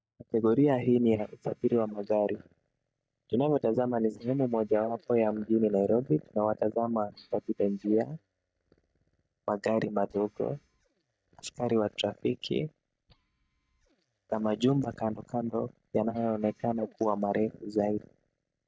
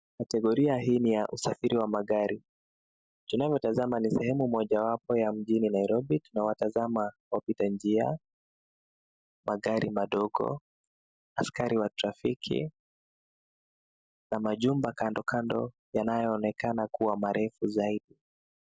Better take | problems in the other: second | noise reduction (neural mask model DeepFilterNet 3)

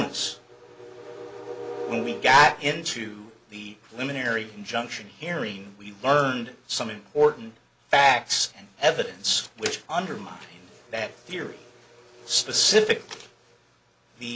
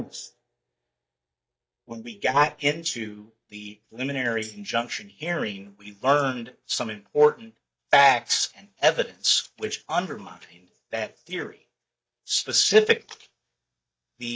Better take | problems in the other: first | noise reduction (neural mask model DeepFilterNet 3)

